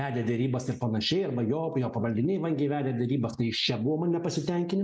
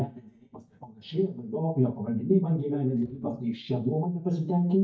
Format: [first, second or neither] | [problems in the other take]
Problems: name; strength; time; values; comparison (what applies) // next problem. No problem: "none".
first | noise reduction (neural mask model DeepFilterNet 3)